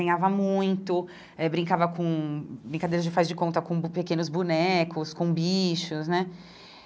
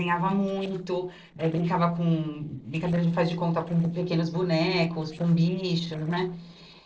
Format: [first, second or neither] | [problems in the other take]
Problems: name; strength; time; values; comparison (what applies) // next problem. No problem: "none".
first | noise reduction (neural separator model SepFormer DNS4)